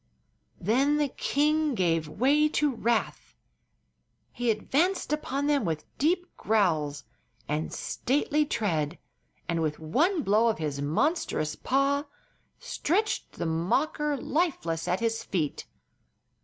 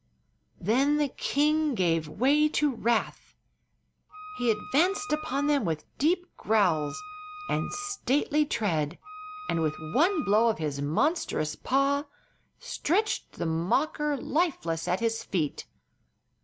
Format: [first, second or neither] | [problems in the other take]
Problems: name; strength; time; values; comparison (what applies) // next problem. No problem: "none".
first | background sound (Wind instrument, woodwind instrument); 14 dB below the speech